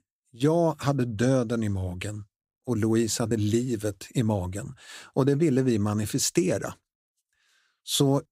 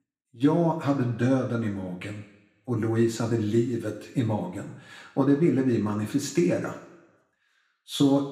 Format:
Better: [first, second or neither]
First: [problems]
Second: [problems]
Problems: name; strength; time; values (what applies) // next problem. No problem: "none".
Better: first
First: none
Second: room echo; slight; dies away in 1 s // off-mic speech; far